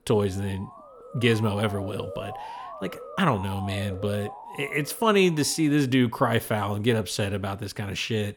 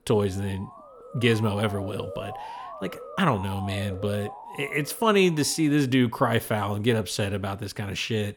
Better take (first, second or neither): neither